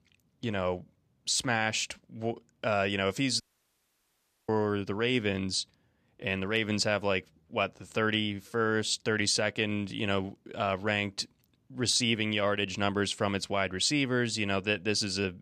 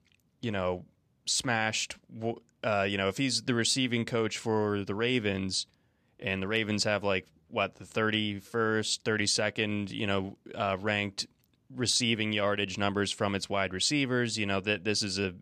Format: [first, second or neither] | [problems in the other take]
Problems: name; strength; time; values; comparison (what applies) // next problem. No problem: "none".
second | audio cutting out; at 3.5 s for 1 s